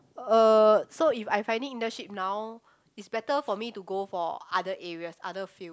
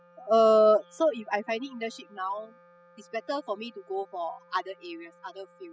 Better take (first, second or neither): first